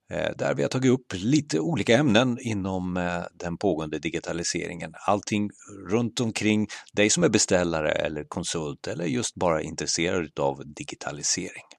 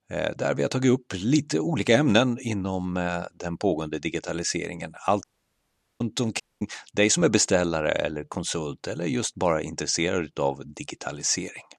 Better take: first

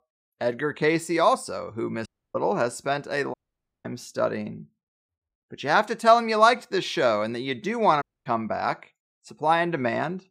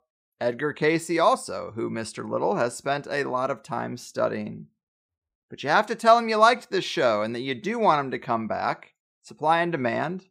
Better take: second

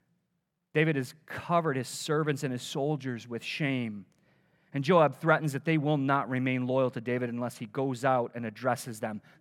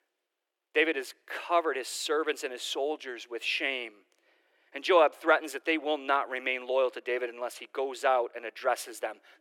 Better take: first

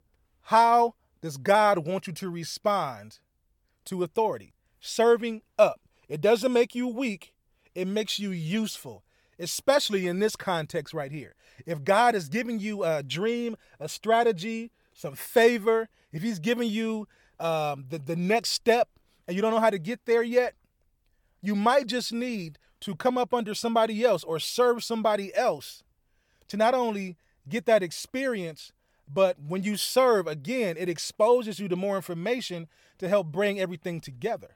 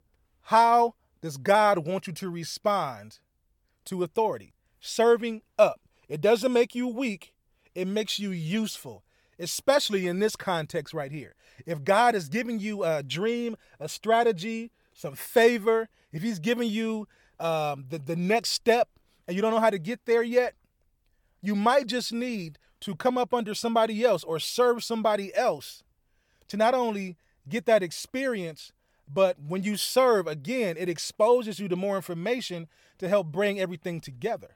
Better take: neither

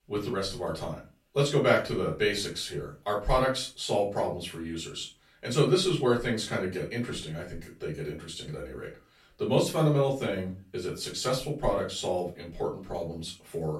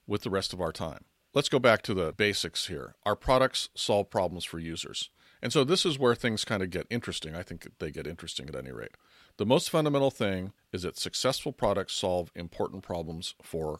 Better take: second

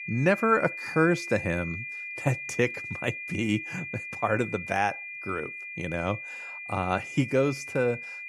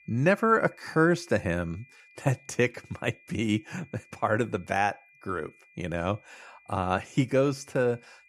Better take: second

